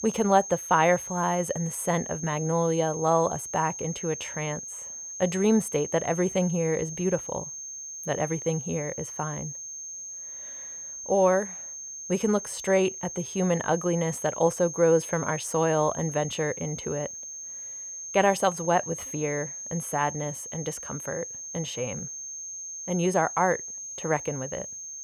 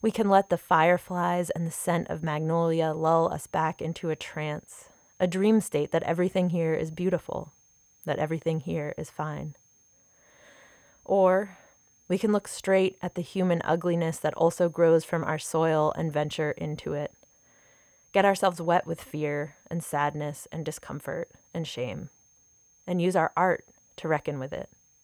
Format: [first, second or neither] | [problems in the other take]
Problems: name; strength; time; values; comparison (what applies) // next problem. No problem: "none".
second | high-pitched whine; loud; throughout; 6.5 kHz, 8 dB below the speech; faint in the second